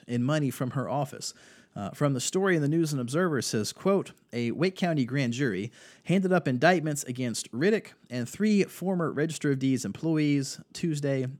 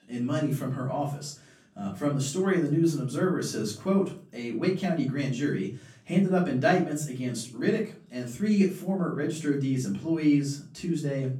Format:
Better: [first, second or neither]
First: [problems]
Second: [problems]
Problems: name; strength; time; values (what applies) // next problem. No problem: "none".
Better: first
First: none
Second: off-mic speech; far // room echo; slight; dies away in 0.3 s